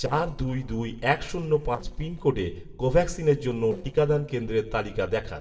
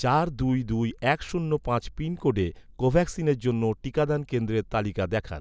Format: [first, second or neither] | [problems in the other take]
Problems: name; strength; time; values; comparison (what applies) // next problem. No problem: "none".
second | noise reduction (neural separator model SepFormer DNS4)